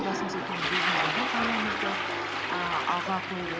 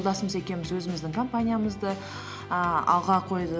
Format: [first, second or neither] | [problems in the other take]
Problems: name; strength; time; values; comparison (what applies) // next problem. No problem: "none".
second | background sound (Toilet flush); 5 dB above the speech